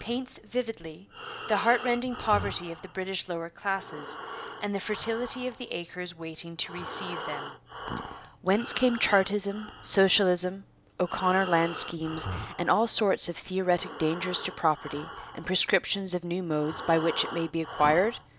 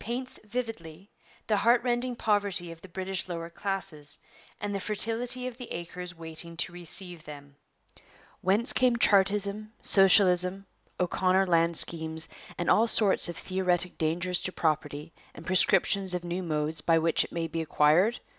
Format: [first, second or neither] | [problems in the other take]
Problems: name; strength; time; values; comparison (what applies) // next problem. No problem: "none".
second | background sound (Breathing); 12 dB below the speech